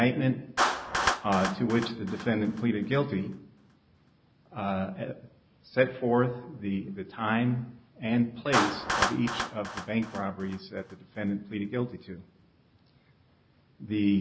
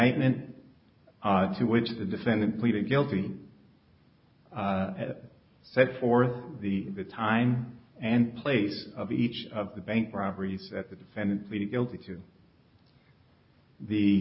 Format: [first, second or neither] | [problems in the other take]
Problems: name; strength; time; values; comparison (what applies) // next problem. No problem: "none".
second | background sound (Clapping); 6 dB below the speech